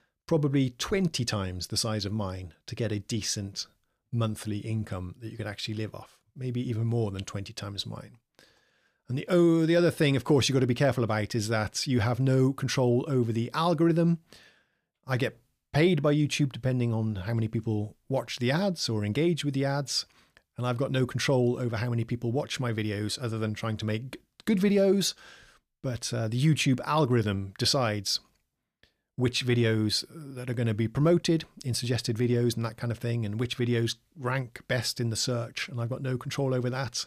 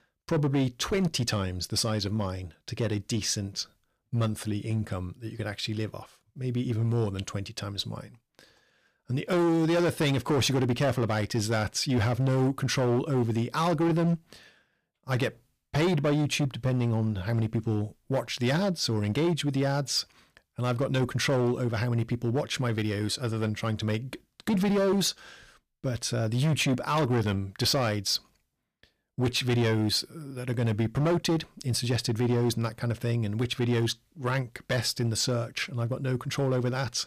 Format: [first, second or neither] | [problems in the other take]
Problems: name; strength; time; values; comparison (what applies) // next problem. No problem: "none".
first | distortion; slight; 10% of the sound clipped